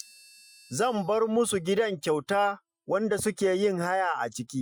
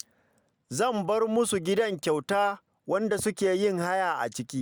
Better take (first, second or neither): second